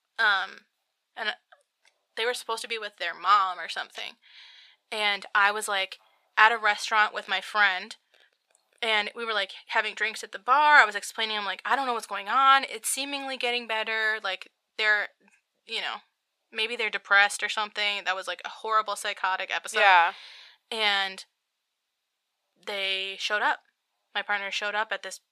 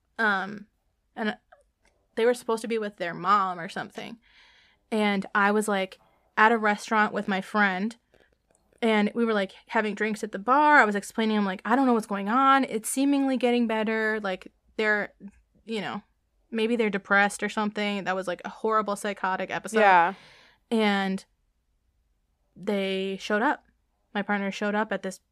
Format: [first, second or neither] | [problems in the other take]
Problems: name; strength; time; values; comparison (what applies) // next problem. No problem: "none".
second | thin; very; fading below 800 Hz